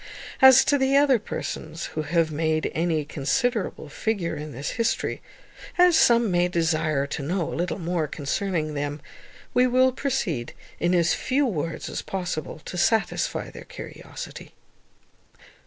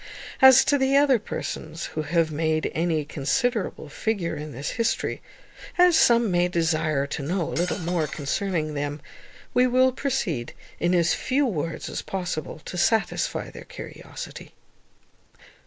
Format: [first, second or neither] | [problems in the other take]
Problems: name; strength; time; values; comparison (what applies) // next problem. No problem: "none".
first | background sound (Cutlery, silverware); 15 dB below the speech